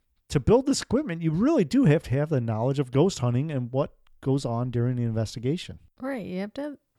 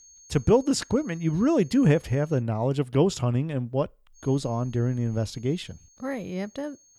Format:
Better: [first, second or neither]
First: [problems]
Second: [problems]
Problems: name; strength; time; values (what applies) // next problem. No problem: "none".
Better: first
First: none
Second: high-pitched whine; faint; until 2.5 s and from 4 s on; 6.5 kHz, 25 dB below the speech